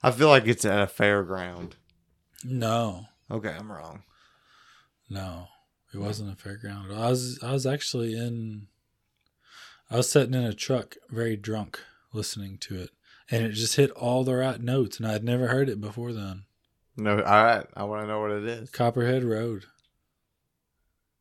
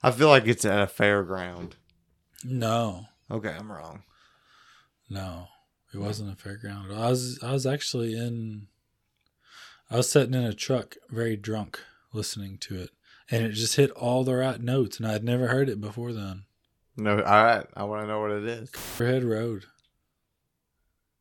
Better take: first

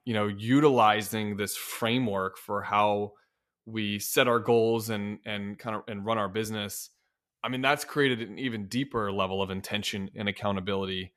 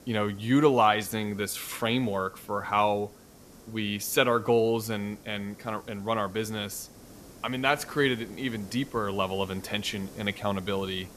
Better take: first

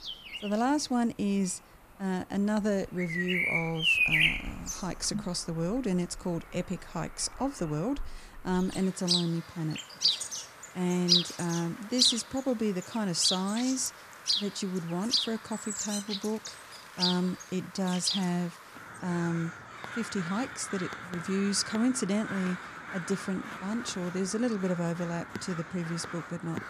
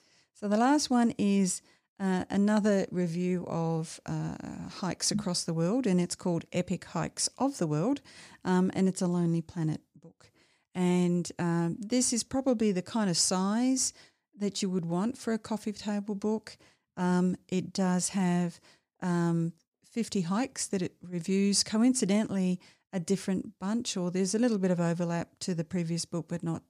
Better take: second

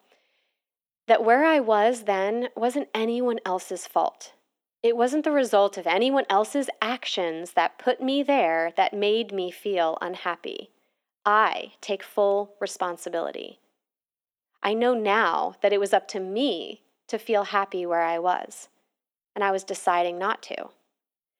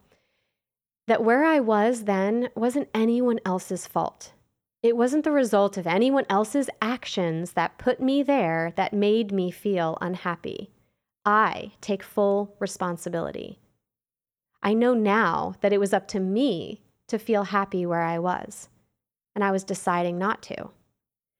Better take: second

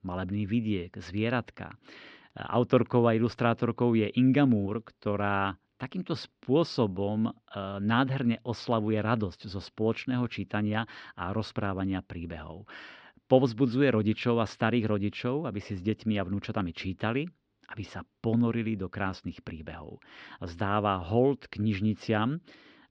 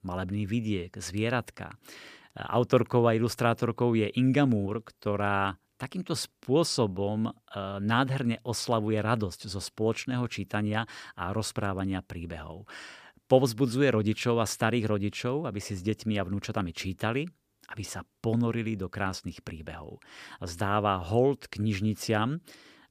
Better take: second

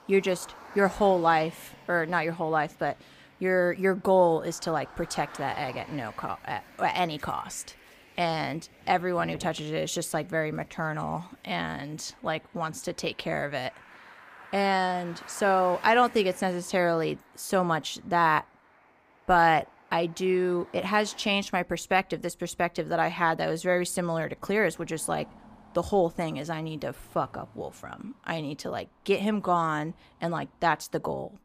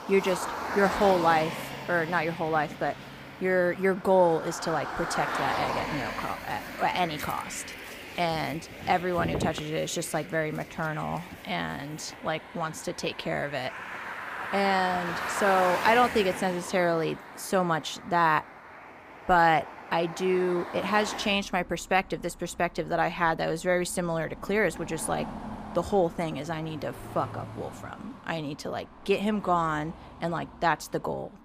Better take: first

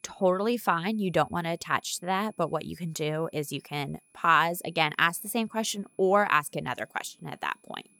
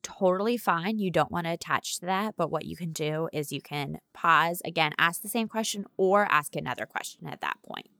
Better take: second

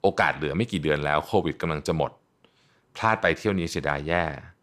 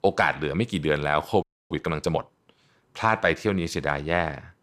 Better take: first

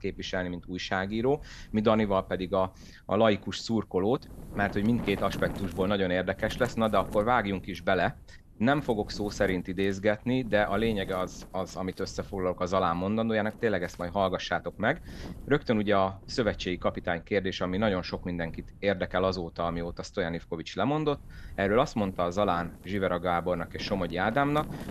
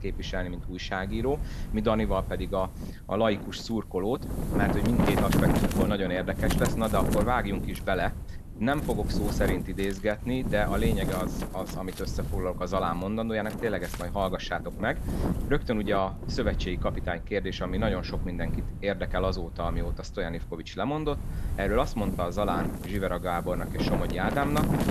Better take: first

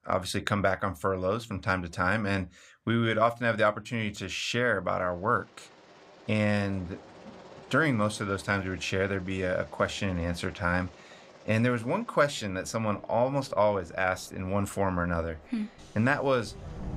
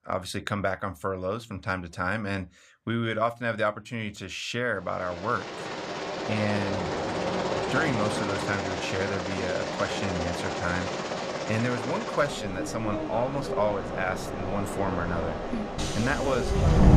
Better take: first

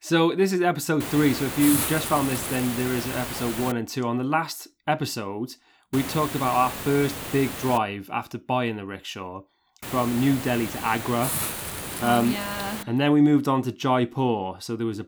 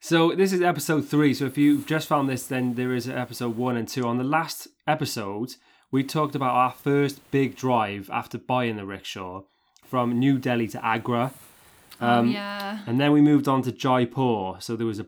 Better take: second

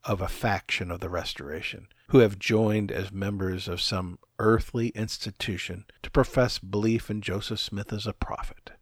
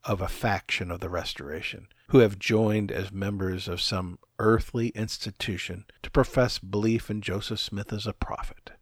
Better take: neither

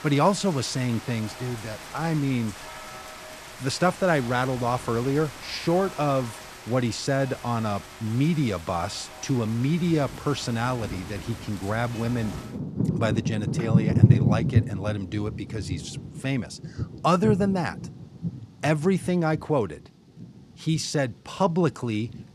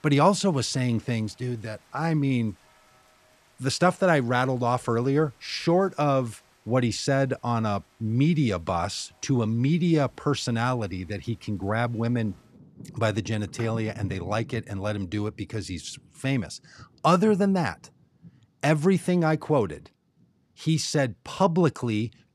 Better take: second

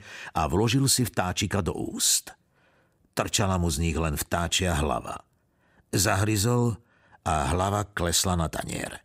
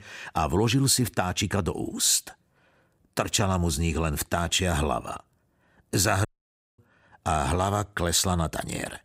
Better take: first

